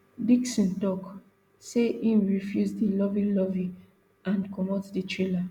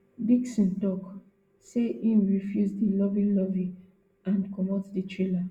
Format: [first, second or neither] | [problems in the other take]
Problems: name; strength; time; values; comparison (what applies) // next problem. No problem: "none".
first | room echo; dies away in 0.2 s